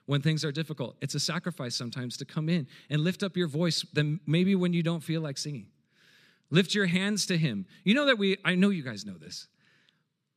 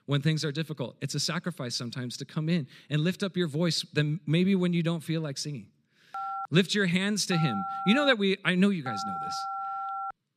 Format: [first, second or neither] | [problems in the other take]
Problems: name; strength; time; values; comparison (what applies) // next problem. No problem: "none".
first | phone ringing; noticeable; from 6 s on; peak 6 dB below the speech